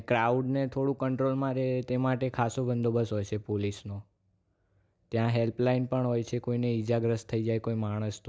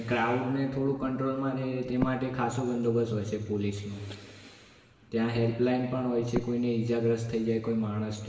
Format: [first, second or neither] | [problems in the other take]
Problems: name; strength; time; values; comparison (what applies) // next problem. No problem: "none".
first | background sound (Breathing); 15 dB below the speech // room echo; dies away in 1.4 s